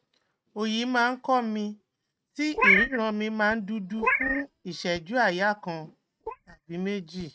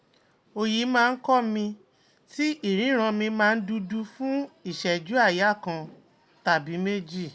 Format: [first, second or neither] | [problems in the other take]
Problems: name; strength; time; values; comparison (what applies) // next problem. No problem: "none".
second | noise reduction (neural mask model RNNoise)